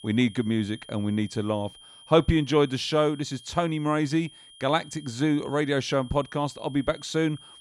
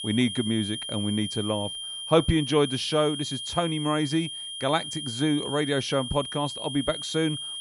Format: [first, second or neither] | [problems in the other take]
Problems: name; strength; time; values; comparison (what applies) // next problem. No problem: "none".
first | high-pitched whine; loud; throughout; 3 kHz, 6 dB below the speech; faint in the first